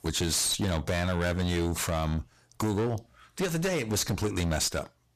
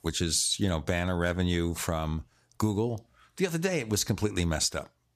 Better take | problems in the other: second | distortion; heavy; 23% of the sound clipped

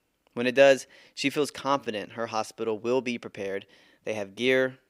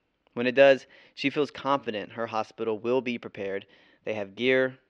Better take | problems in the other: first | muffled; very slightly; fading above 4 kHz

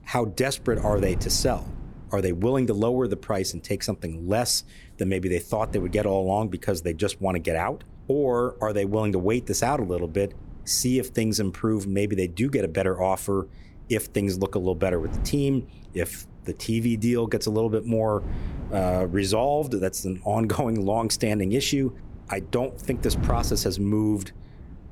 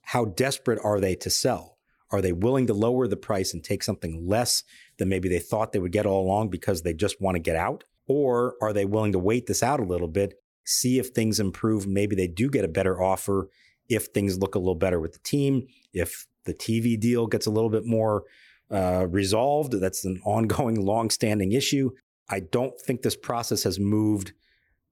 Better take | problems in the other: second | wind noise on the microphone; occasional gusts; 20 dB below the speech

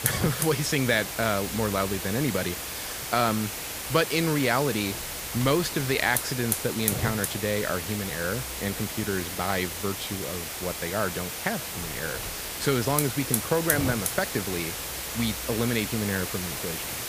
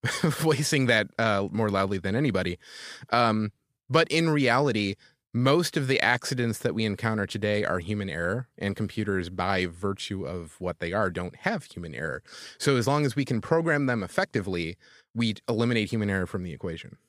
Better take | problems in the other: second | hiss; loud; throughout; 3 dB below the speech

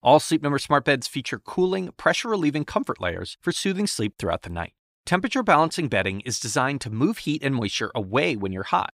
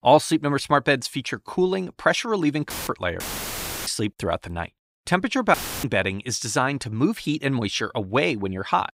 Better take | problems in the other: first | audio cutting out; filled with static; at 2.5 s, at 3 s for 0.5 s and at 5.5 s

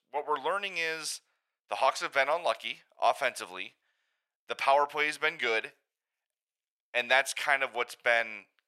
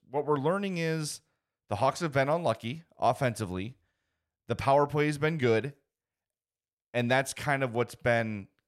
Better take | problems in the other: second | thin; very; fading below 750 Hz

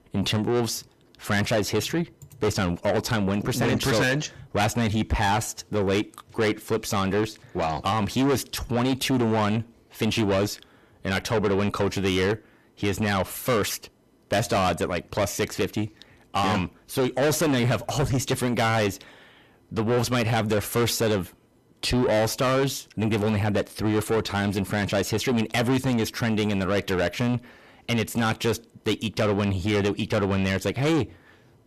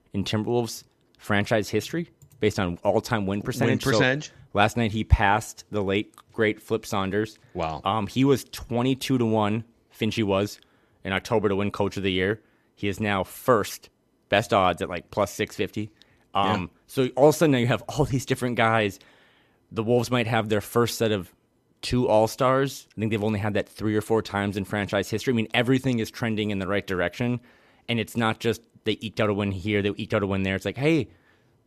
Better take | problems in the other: second | distortion; heavy; 6 dB below the speech

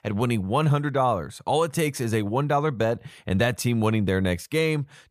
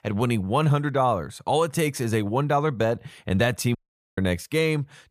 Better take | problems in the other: first | audio cutting out; at 4 s

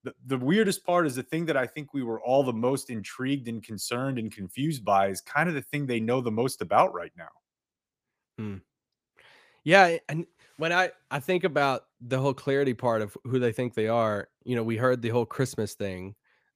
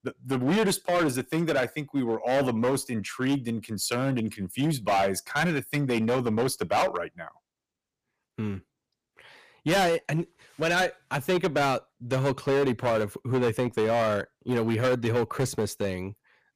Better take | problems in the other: first | distortion; heavy; 11% of the sound clipped

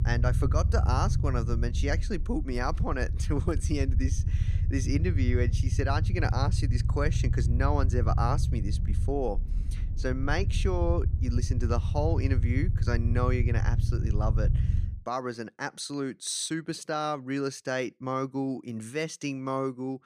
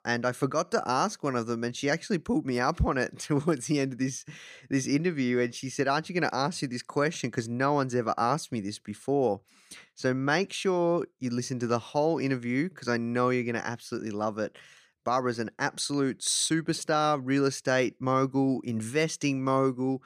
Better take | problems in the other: second | low rumble; noticeable; until 15 s; 10 dB below the speech

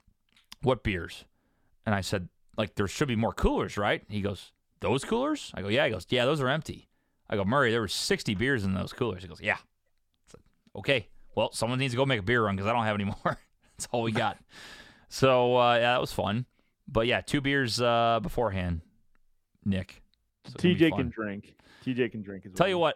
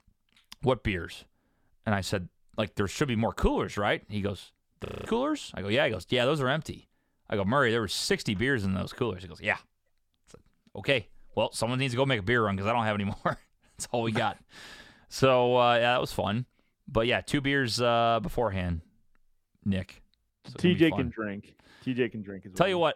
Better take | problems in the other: first | audio freezing; at 5 s

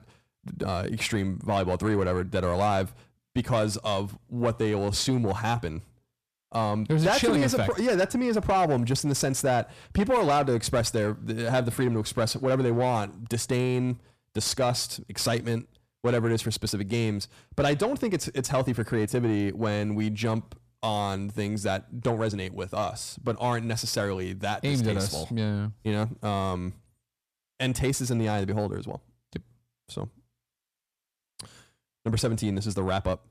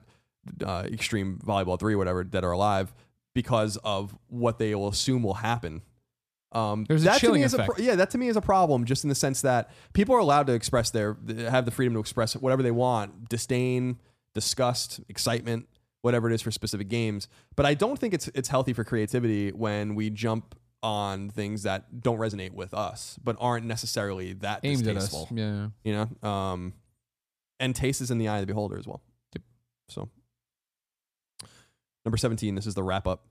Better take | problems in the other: second | distortion; slight; 10 dB below the speech

